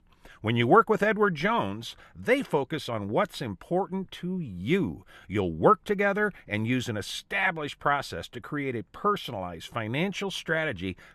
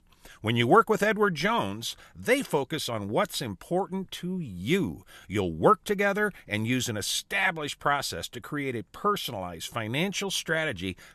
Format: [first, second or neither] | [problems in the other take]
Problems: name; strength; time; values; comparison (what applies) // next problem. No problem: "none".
second | muffled; slightly; fading above 3.5 kHz